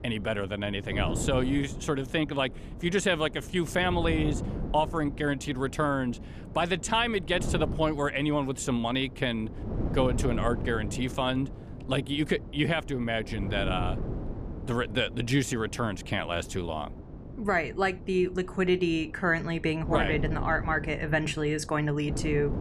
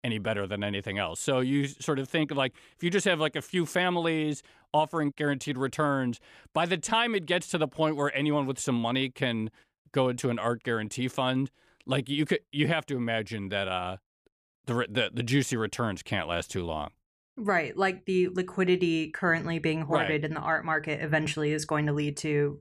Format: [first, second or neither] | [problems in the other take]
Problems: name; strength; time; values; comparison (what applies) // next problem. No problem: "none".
second | wind noise on the microphone; occasional gusts; 15 dB below the speech